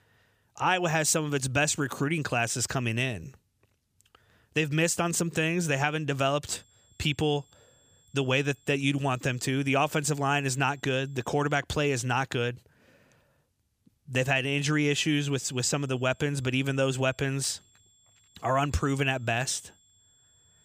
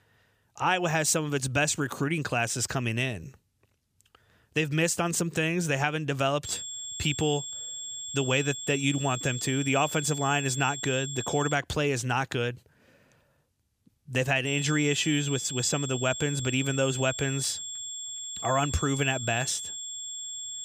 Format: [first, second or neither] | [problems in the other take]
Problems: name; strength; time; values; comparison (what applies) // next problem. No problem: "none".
first | high-pitched whine; loud; from 6.5 to 12 s and from 14 s on; 7.5 kHz, 7 dB below the speech; faint in the first